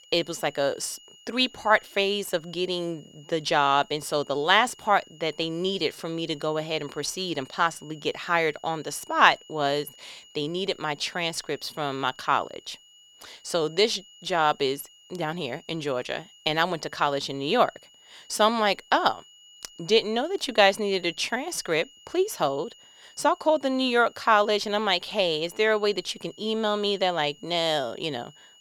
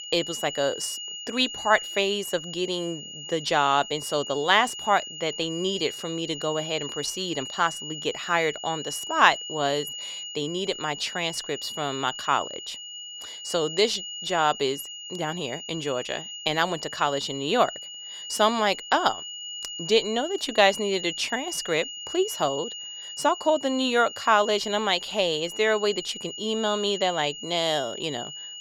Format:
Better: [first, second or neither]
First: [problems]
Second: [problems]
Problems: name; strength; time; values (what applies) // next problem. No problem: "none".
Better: first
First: high-pitched whine; faint; throughout; 3 kHz, 25 dB below the speech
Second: high-pitched whine; loud; throughout; 3 kHz, 9 dB below the speech